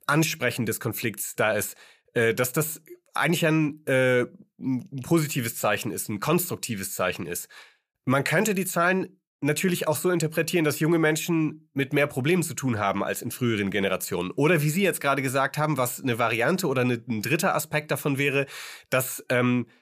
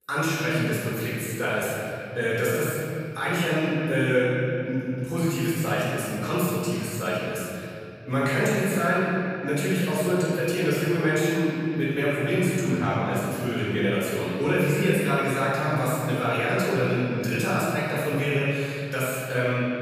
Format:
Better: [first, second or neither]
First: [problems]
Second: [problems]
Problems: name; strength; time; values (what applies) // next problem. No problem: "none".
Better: first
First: none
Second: off-mic speech; far // room echo; strong; dies away in 2.7 s